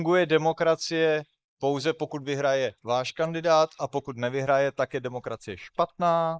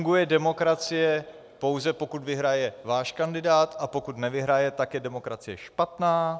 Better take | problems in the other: second | noise reduction (neural mask model Resemble Enhance denoiser)

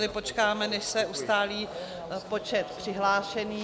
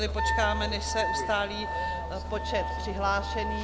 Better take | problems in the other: first | background sound (Truck + Wind instrument, woodwind instrument); as loud as the speech

